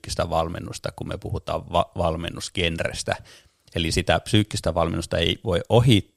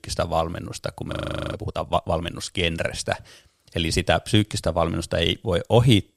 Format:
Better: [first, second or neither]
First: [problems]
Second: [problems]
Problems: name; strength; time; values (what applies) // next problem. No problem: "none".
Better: first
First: none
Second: audio freezing; at 1 s